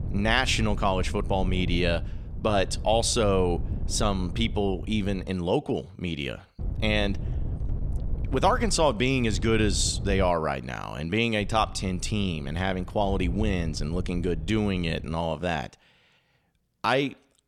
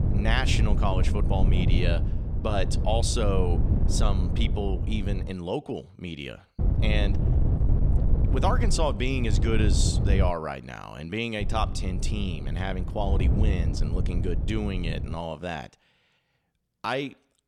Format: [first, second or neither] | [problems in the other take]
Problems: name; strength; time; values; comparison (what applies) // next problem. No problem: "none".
first | wind noise on the microphone; heavy; until 5.5 s, from 6.5 to 10 s and from 11 to 15 s; 8 dB below the speech; occasional gusts in the first